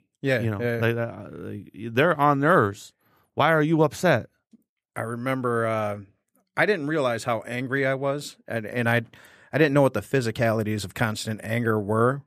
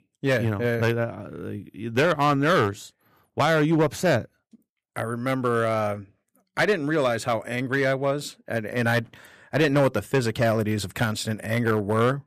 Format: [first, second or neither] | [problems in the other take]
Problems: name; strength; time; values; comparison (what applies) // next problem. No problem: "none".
first | distortion; slight; 4% of the sound clipped